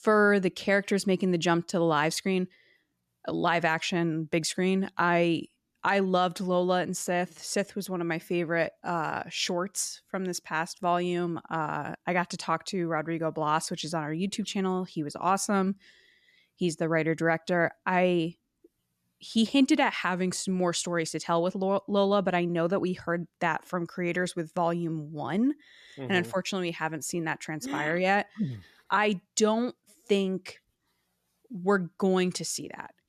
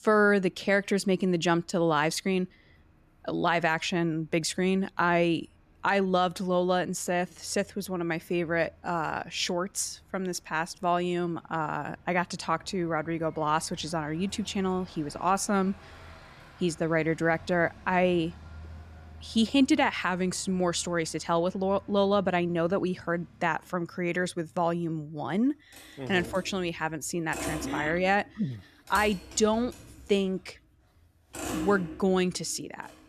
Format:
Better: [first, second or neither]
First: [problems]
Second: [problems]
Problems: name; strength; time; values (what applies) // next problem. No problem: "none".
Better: first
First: none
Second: traffic noise; noticeable; throughout; 15 dB below the speech